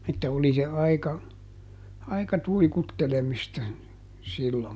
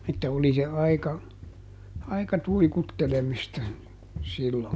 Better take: first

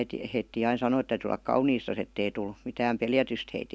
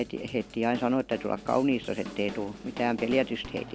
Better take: first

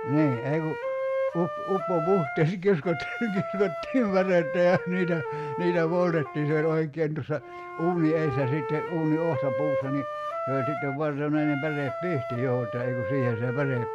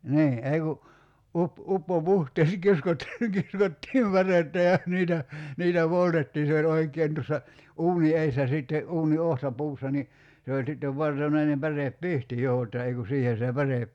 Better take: second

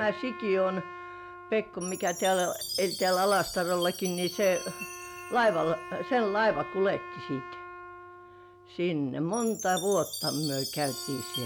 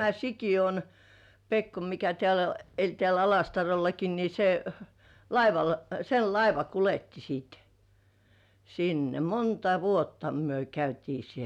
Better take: second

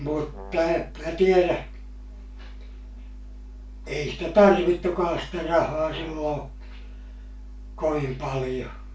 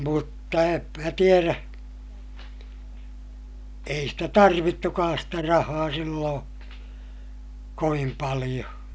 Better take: second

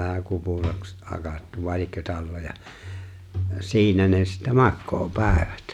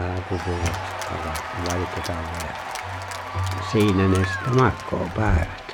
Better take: first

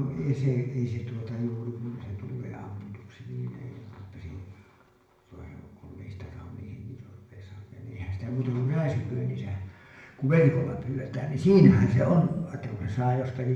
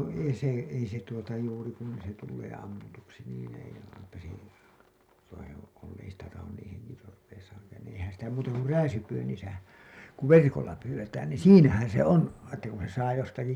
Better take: second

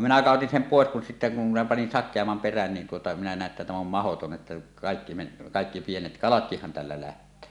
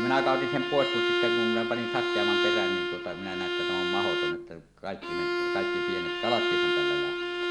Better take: first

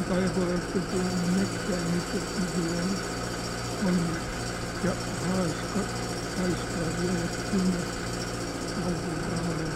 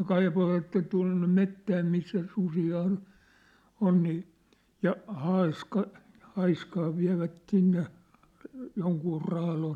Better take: second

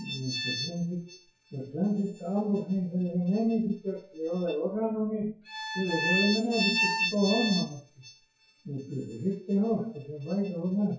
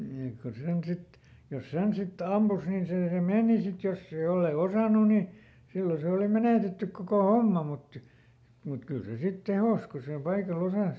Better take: second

